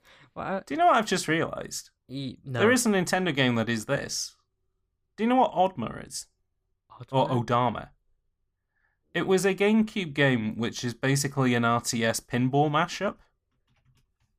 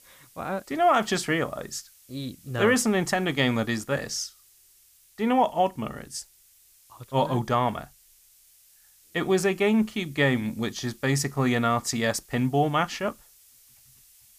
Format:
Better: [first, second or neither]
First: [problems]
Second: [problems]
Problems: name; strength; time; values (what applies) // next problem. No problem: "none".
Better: first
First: none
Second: hiss; faint; throughout; 30 dB below the speech